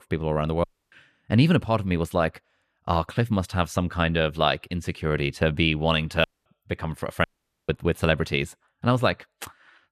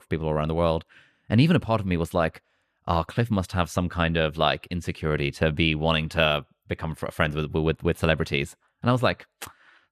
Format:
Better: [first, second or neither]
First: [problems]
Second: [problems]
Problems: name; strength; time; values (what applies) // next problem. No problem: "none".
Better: second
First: audio cutting out; at 0.5 s, at 6 s and at 7 s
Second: none